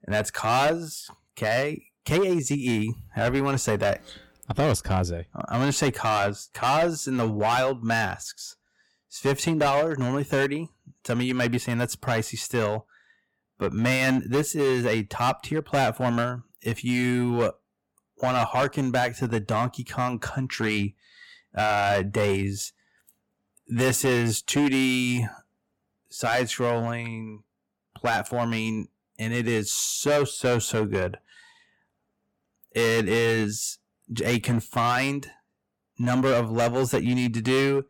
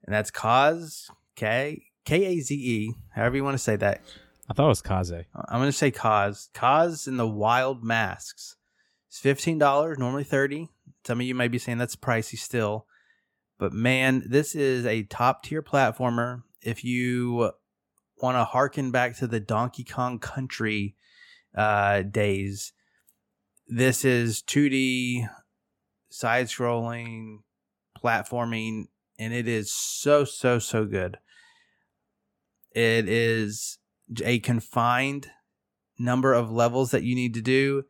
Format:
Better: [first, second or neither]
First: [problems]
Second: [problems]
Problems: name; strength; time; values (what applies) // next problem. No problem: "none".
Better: second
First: distortion; heavy; 8% of the sound clipped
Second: none